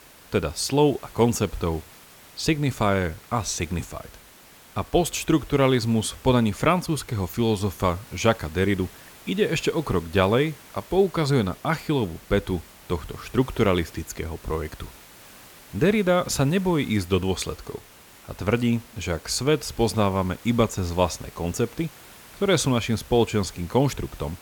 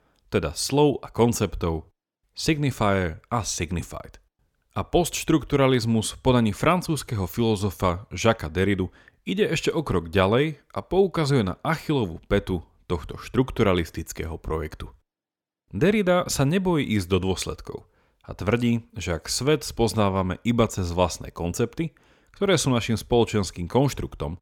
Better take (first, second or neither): second